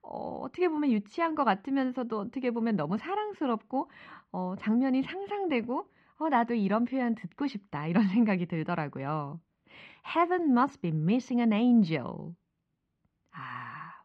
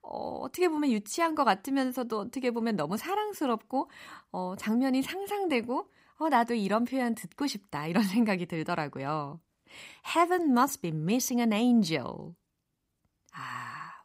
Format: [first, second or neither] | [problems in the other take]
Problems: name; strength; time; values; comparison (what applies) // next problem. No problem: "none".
second | muffled; slightly; fading above 3 kHz